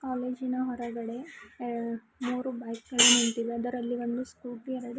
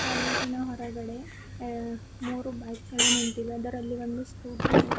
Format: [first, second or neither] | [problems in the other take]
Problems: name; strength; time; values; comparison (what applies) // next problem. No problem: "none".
first | background sound (Fire); as loud as the speech